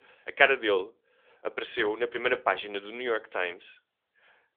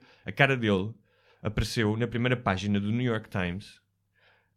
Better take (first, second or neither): second